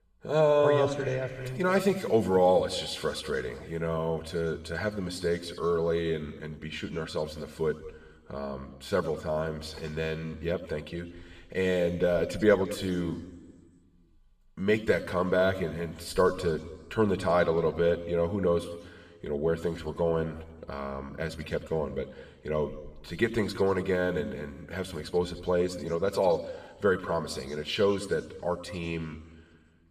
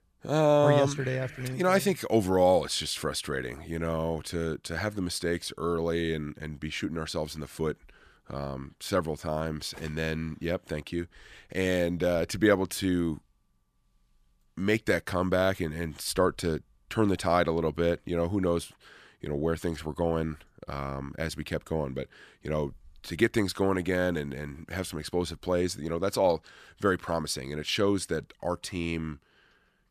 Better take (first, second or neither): second